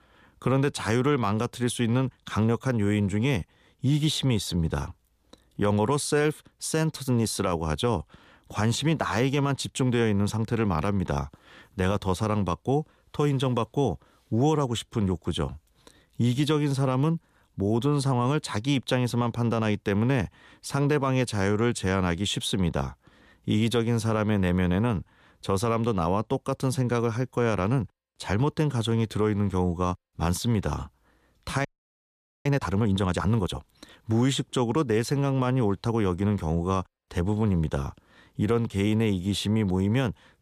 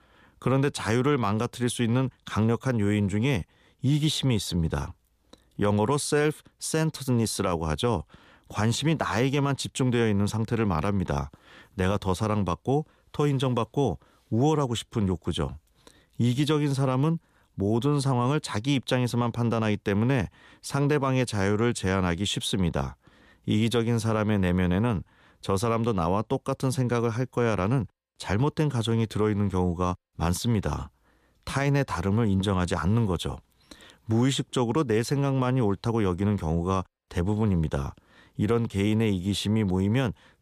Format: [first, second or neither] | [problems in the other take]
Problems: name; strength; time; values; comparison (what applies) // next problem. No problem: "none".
second | audio freezing; at 32 s for 1 s